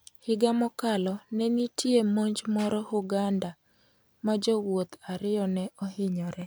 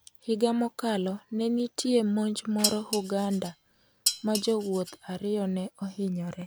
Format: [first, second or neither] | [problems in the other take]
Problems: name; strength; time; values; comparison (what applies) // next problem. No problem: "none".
first | background sound (Dishes, pots, and pans); 6 dB below the speech